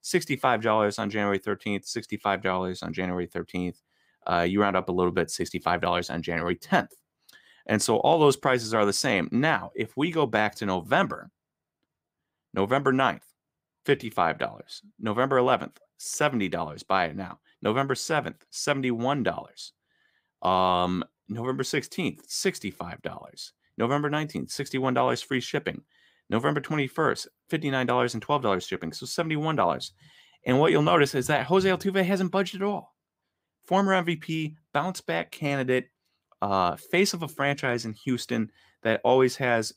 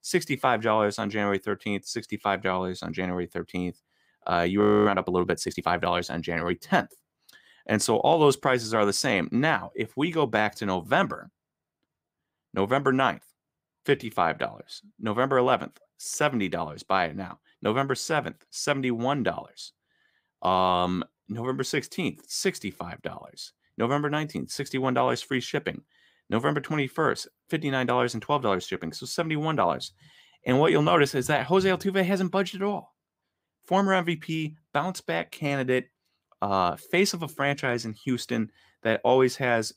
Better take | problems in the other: first | audio freezing; at 4.5 s

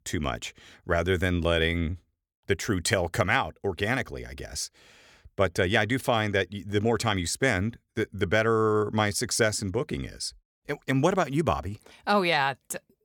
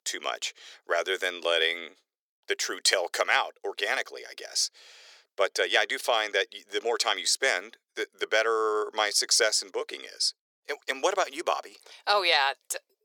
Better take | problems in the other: first | thin; very; fading below 400 Hz

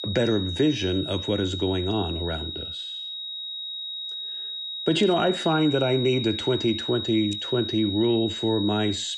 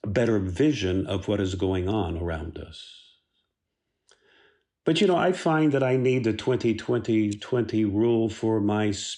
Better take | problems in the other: second | high-pitched whine; loud; throughout; 4 kHz, 6 dB below the speech

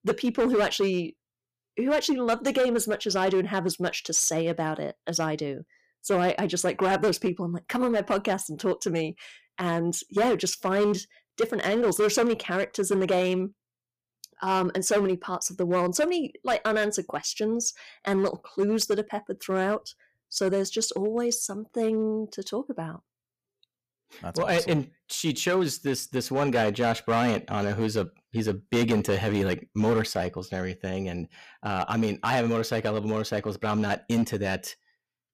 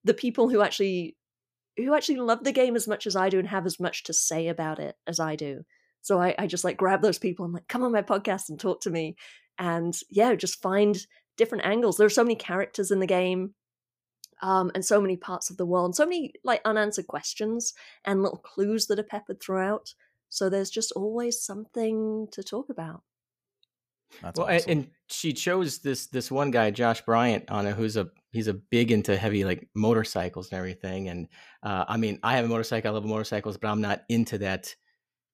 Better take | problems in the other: second | distortion; slight; 6% of the sound clipped

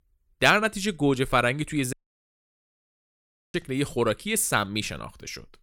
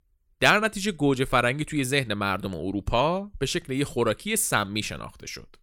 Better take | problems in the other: second | audio cutting out; at 2 s for 1.5 s

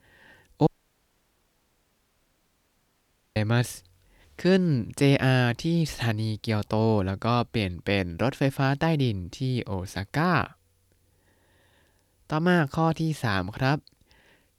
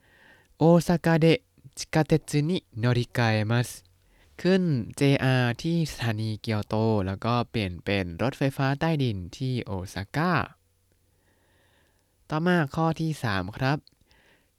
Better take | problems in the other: second | audio cutting out; at 0.5 s for 2.5 s

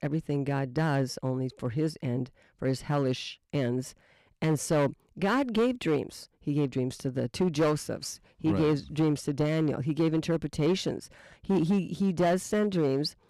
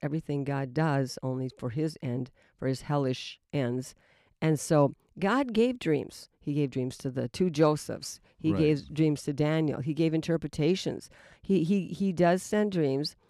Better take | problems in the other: second | distortion; slight; 5% of the sound clipped

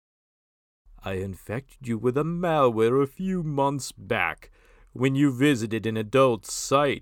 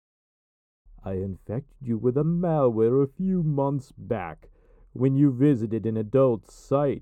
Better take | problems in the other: first | muffled; very; fading above 1 kHz

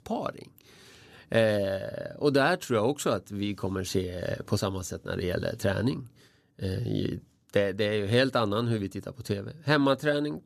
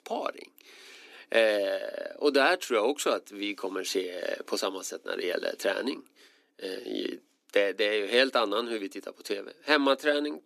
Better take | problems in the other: first | thin; somewhat; fading below 300 Hz

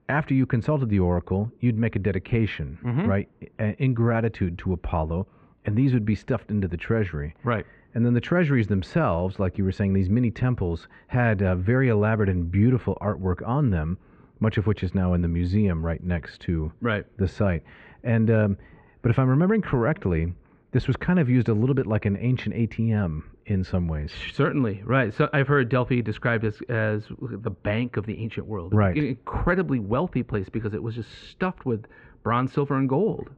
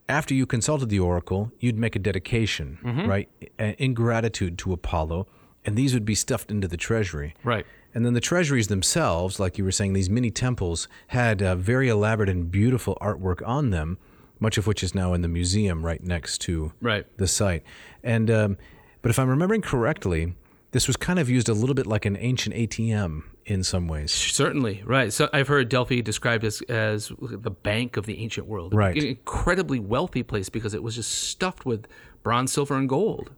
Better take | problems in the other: second | muffled; very; fading above 2.5 kHz

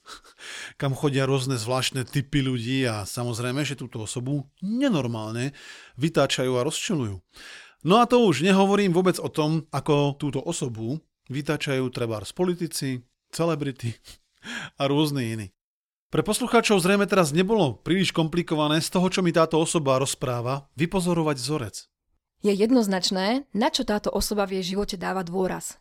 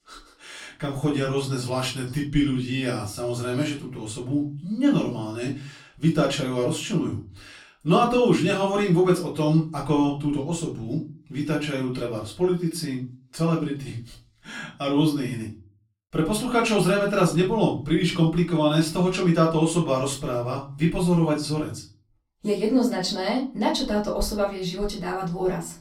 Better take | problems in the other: first | off-mic speech; far // room echo; slight; dies away in 0.3 s

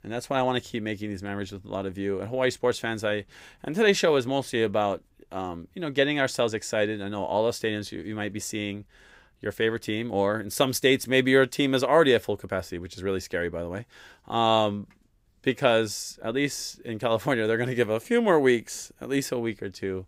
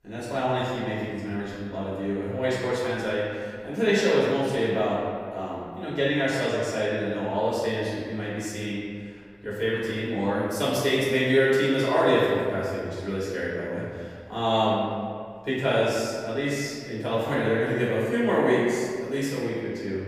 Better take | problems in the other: first | room echo; strong; dies away in 1.8 s // off-mic speech; far

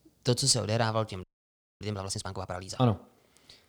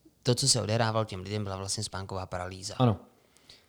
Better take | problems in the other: second | audio freezing; at 1 s for 0.5 s

